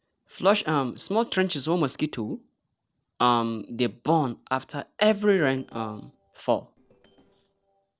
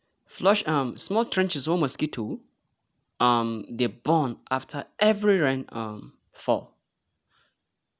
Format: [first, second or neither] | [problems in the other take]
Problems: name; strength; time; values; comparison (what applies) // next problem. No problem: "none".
second | noise reduction (neural separator model SepFormer DNS4)